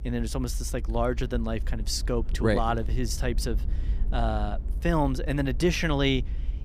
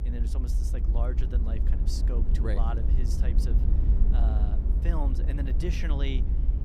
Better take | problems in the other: first | low rumble; loud; throughout; 4 dB below the speech; faint in the first

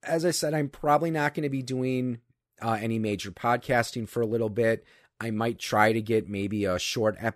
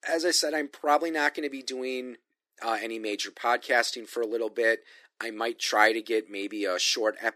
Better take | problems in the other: first | thin; somewhat; fading below 300 Hz

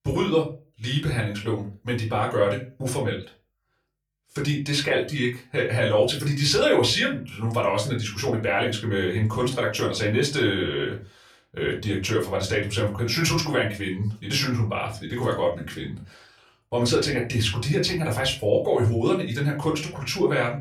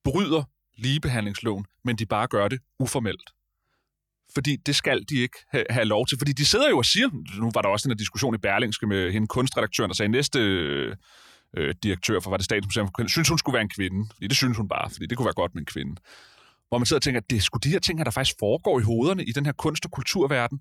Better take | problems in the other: second | off-mic speech; far // room echo; very slight; dies away in 0.3 s

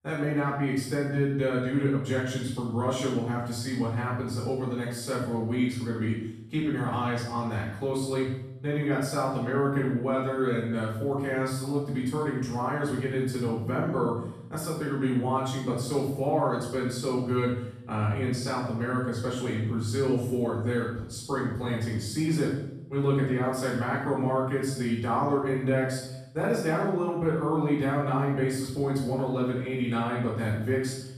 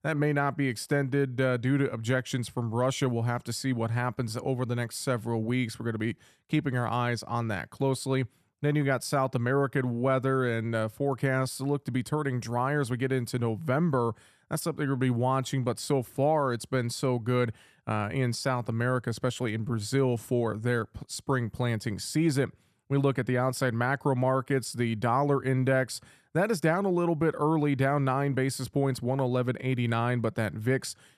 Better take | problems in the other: second | off-mic speech; far // room echo; noticeable; dies away in 0.7 s

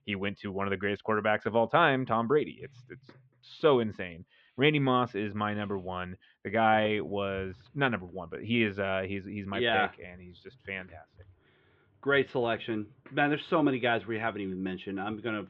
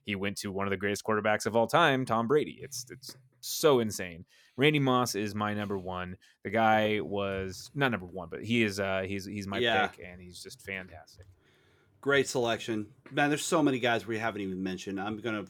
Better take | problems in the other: second | muffled; very; fading above 3 kHz

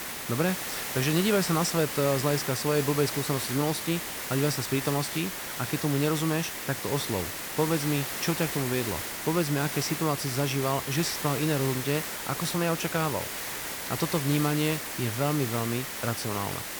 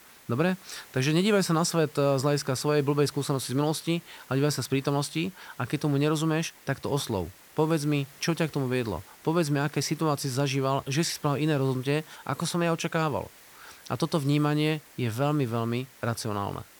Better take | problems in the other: second | hiss; loud; throughout; 4 dB below the speech; faint in the second

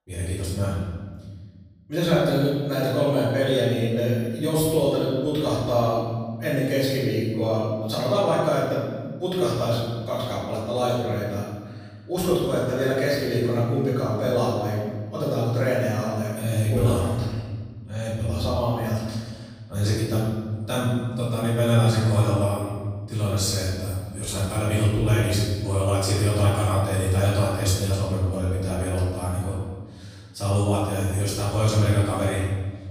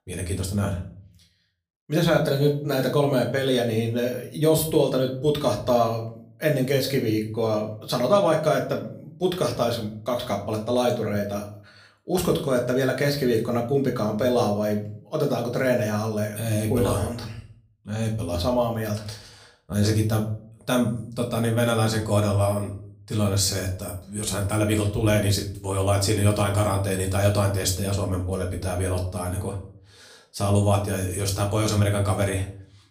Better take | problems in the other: second | room echo; strong; dies away in 1.4 s; slight in the second // off-mic speech; far; somewhat distant in the second

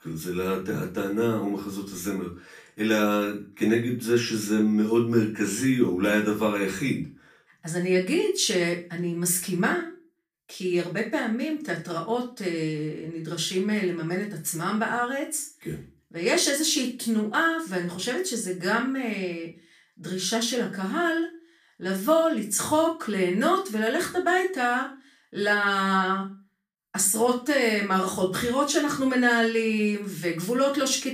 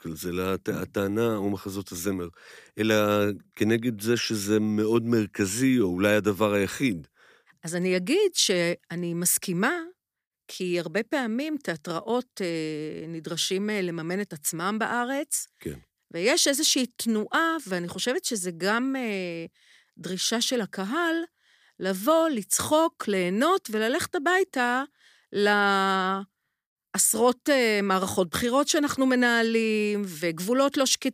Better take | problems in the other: second | off-mic speech; far // room echo; slight; dies away in 0.3 s

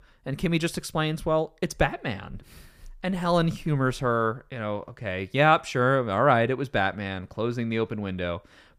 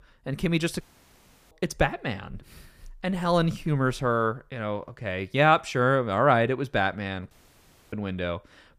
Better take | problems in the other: first | audio cutting out; at 1 s for 0.5 s and at 7.5 s for 0.5 s

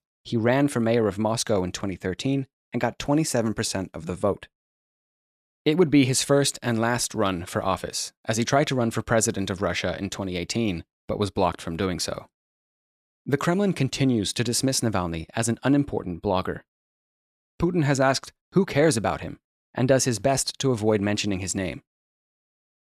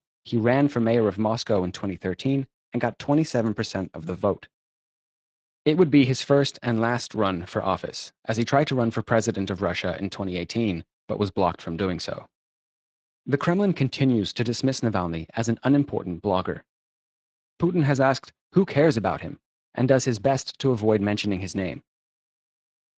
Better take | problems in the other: first | garbled, watery; slightly

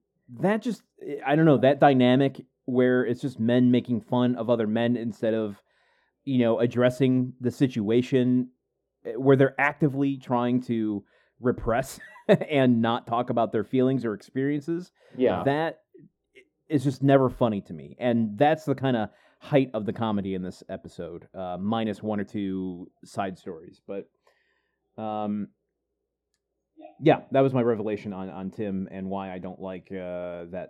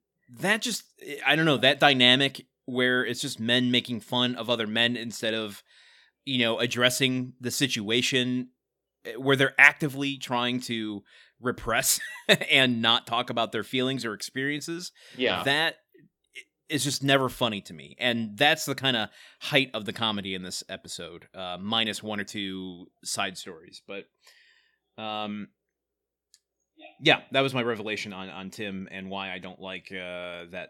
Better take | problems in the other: second | muffled; very; fading above 1.5 kHz

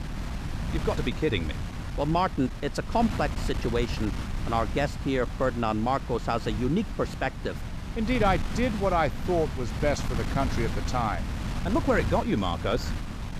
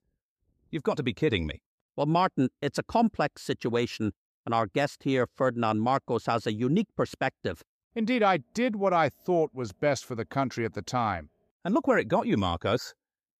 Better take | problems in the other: second | wind noise on the microphone; occasional gusts; 10 dB below the speech

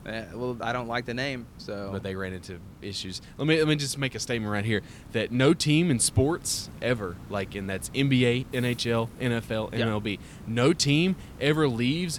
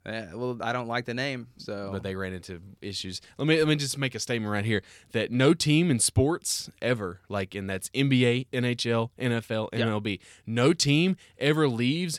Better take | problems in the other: second | hiss; noticeable; throughout; 20 dB below the speech

